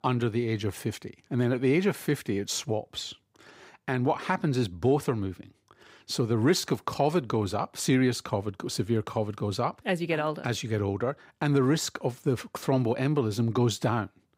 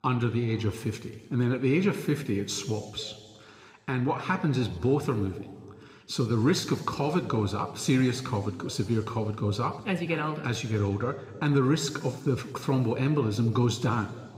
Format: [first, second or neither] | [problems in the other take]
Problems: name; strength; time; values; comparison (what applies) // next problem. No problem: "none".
first | room echo; slight; dies away in 1.7 s